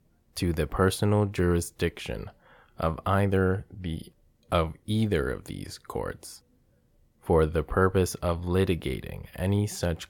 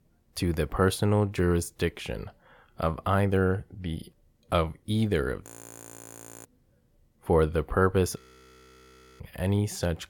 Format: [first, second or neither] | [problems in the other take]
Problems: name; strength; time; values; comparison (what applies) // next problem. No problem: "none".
first | audio freezing; at 5.5 s for 1 s and at 8 s for 1 s